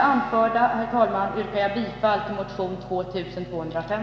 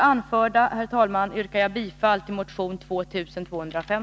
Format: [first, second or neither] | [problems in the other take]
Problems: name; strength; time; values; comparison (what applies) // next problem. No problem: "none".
second | background sound (Guitar); 16 dB below the speech // room echo; dies away in 2.8 s